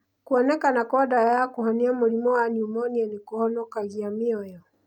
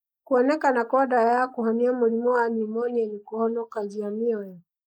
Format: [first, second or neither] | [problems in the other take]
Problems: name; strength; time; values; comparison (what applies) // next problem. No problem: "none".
first | noise reduction (neural mask model Resemble Enhance denoiser)